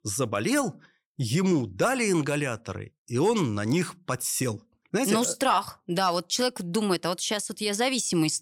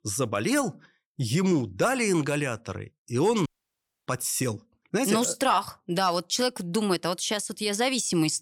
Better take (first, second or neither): first